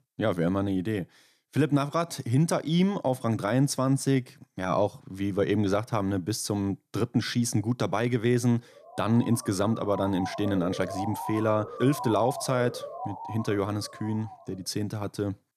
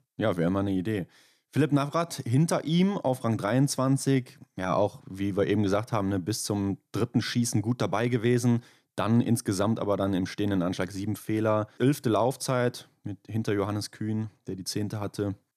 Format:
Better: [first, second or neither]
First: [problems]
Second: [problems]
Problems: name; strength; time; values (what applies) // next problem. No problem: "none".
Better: second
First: siren; noticeable; from 9 to 14 s; peak 7 dB below the speech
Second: none